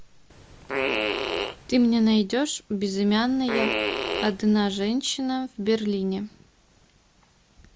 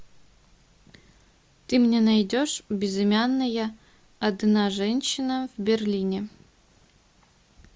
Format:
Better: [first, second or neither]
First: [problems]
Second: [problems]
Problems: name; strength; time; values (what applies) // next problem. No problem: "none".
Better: second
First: background sound (Fart); 4 dB below the speech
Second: none